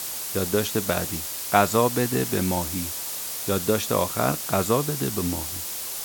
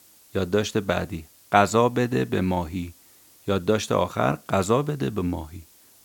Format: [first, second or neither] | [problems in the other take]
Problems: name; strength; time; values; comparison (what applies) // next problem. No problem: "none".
second | hiss; loud; throughout; 3 dB below the speech; faint in the second